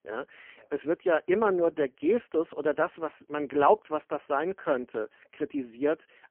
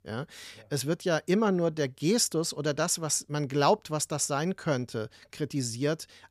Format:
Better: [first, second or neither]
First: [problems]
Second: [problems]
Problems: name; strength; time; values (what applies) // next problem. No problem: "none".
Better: second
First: phone-call audio; poor line; nothing above 3 kHz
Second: none